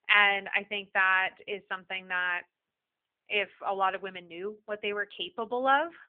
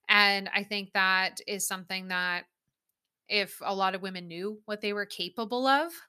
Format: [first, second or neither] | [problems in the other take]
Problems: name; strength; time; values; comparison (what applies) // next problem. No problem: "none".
second | phone-call audio; nothing above 3 kHz